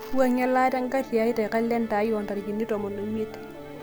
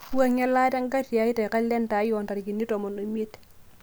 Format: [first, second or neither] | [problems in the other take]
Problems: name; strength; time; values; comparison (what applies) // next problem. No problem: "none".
second | background sound (Musical instrument); 14 dB below the speech